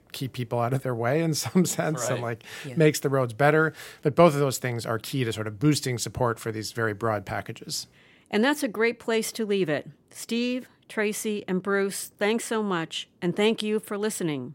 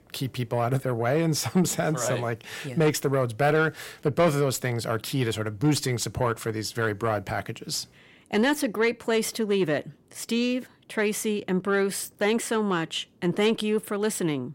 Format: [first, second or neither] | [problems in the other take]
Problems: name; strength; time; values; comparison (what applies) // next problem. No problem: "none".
first | distortion; slight; 10 dB below the speech